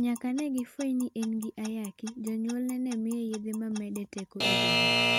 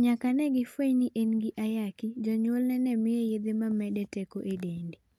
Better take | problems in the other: second | background sound (Alarm / Clock); 1 dB below the speech

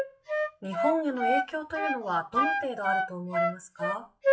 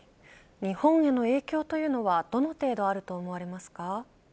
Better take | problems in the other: second | noise reduction (classical method WPE with log-MMSE)

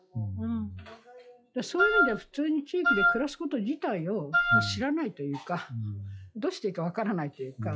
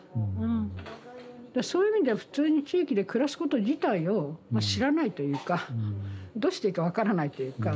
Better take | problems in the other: second | noise reduction (classical method log-MMSE)

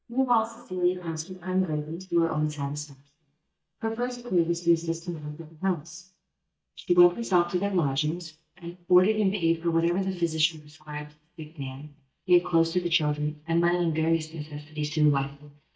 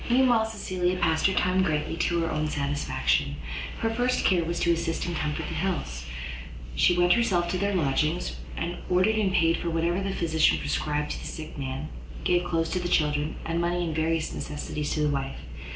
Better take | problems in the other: second | noise reduction (neural mask model DeepFilterNet 3)

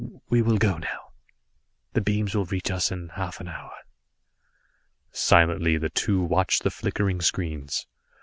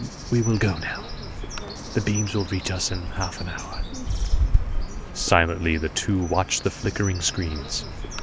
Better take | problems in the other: first | background sound (Bird); 2 dB below the speech

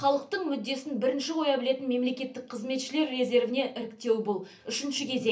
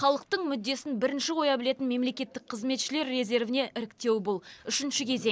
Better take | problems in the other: second | room echo; dies away in 0.3 s

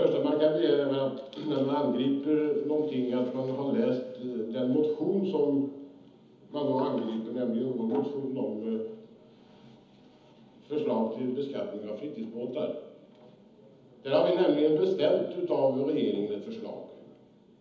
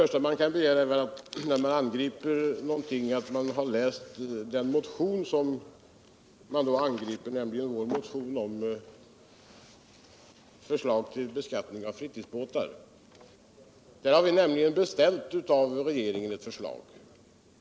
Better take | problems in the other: second | room echo; dies away in 1.3 s

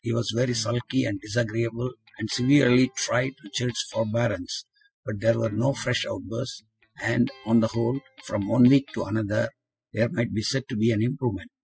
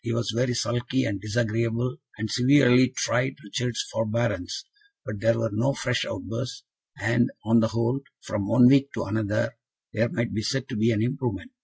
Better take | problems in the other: second | noise reduction (classical method spectral subtraction)

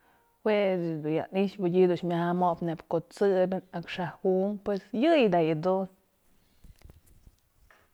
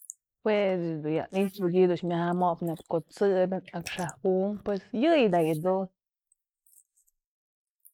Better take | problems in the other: first | noise reduction (neural mask model Resemble Enhance denoiser)

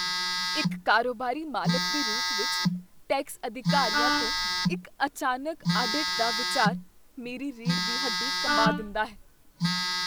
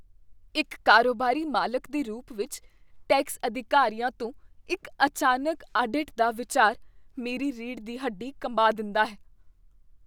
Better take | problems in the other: second | background sound (Telephone + Wind instrument, woodwind instrument); 2 dB above the speech

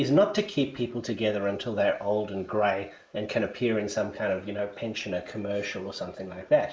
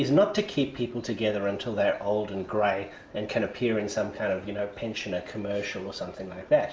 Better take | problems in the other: second | noise reduction (neural mask model Resemble Enhance denoiser)

